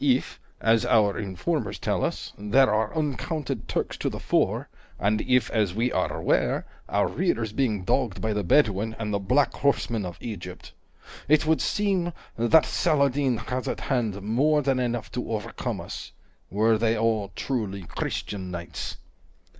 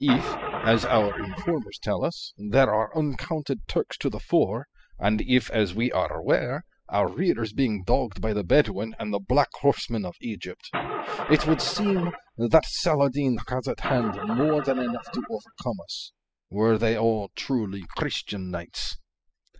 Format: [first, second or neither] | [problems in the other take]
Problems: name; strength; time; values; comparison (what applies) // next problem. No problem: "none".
first | noise reduction (classical method spectral subtraction)